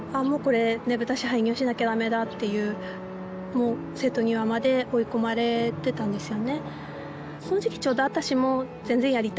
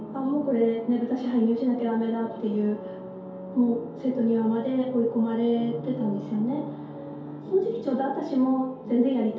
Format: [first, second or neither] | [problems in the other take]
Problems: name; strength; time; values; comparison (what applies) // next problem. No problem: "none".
first | room echo; dies away in 2.4 s